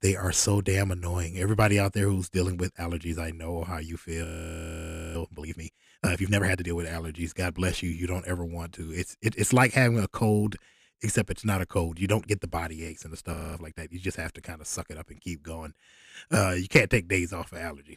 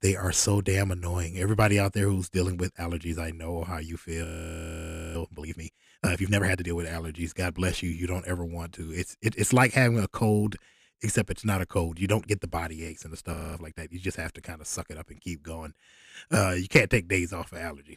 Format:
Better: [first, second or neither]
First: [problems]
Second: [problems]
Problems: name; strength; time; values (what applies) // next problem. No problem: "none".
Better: neither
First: audio freezing; at 4 s for 1 s and at 13 s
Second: audio freezing; at 4 s for 1 s and at 13 s